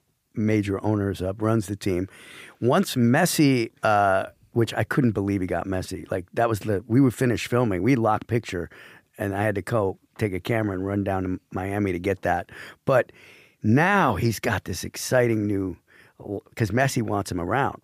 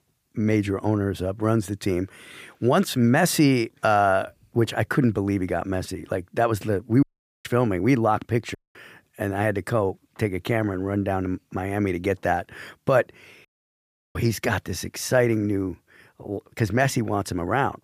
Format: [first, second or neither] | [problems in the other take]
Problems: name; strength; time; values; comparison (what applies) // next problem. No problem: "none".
first | audio cutting out; at 7 s, at 8.5 s and at 13 s for 0.5 s